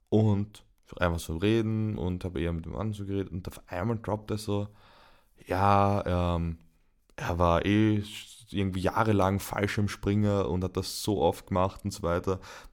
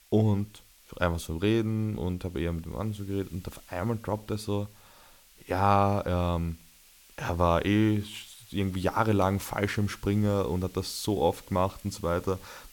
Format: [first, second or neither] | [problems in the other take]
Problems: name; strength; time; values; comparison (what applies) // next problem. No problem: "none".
first | hiss; faint; throughout; 25 dB below the speech